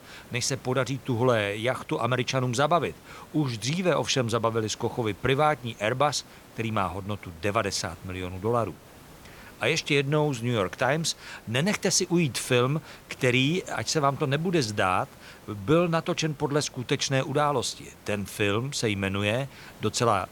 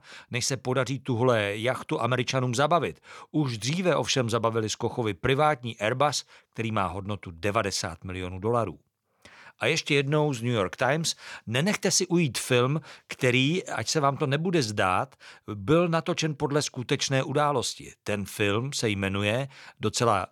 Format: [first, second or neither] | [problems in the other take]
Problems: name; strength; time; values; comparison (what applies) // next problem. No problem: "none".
second | hiss; faint; throughout; 25 dB below the speech